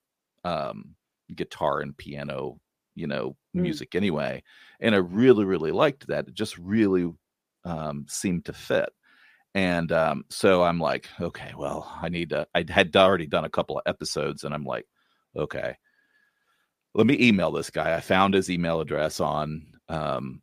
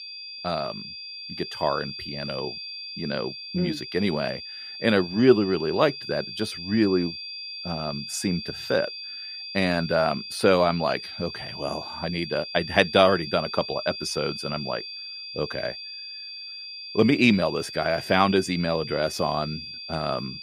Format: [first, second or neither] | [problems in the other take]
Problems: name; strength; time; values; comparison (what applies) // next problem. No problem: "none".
first | high-pitched whine; loud; throughout; 4.5 kHz, 9 dB below the speech